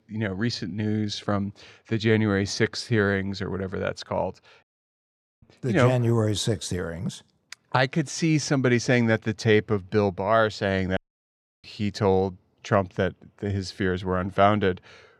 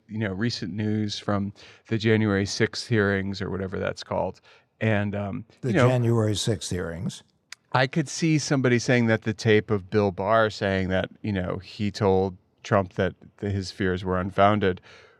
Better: second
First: audio cutting out; at 4.5 s for 1 s and at 11 s for 0.5 s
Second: none

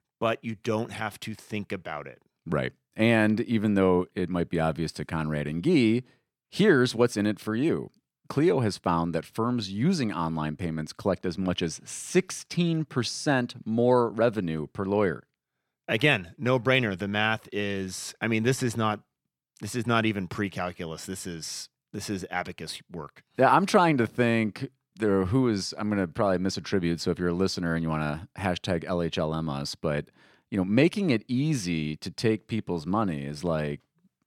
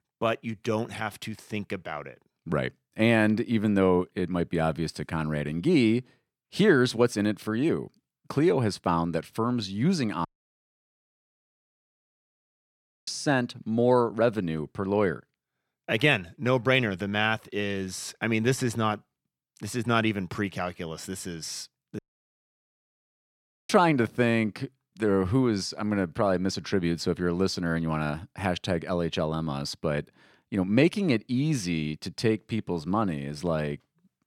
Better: first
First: none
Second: audio cutting out; at 10 s for 3 s and at 22 s for 1.5 s

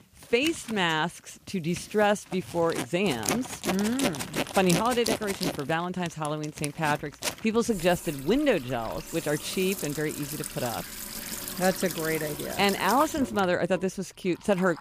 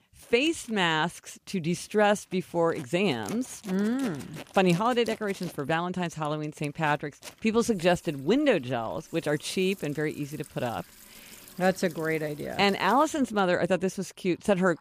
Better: second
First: household noises; loud; throughout; 7 dB below the speech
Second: household noises; faint; throughout; 20 dB below the speech

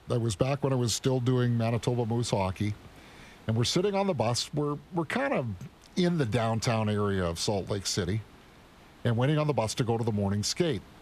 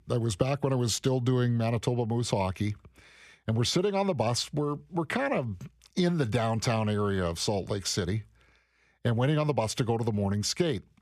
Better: second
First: hiss; faint; throughout; 25 dB below the speech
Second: none

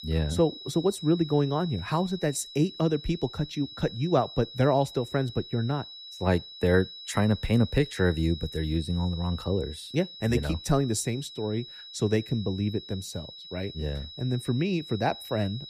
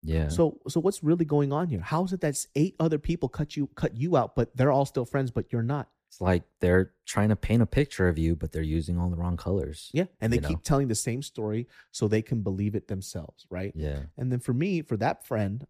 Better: second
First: high-pitched whine; noticeable; throughout; 4 kHz, 15 dB below the speech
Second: none

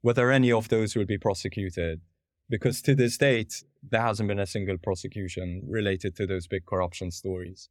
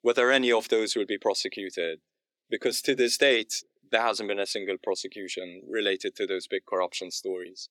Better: first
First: none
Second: thin; somewhat; fading below 300 Hz

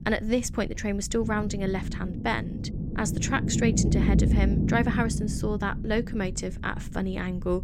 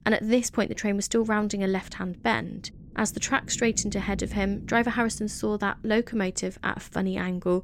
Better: second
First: low rumble; loud; throughout; 7 dB below the speech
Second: low rumble; faint; throughout; 25 dB below the speech

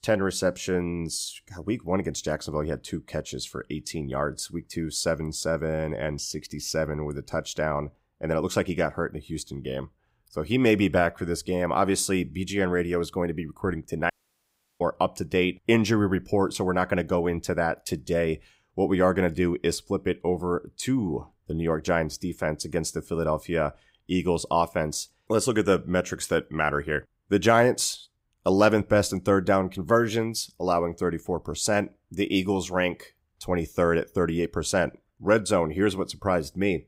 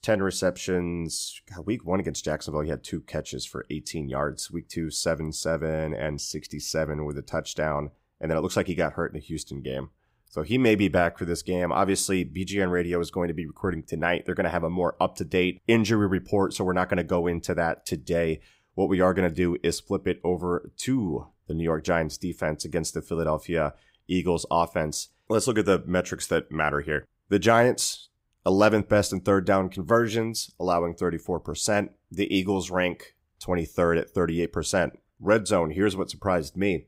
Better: second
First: audio cutting out; at 14 s for 0.5 s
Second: none

